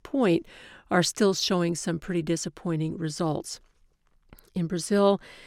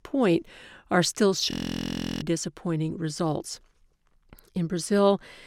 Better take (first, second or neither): first